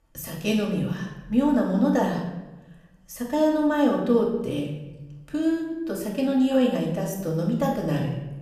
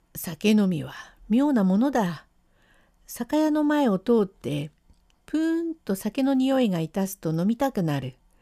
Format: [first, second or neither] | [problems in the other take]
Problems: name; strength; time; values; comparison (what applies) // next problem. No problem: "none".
second | room echo; noticeable; dies away in 0.9 s // off-mic speech; far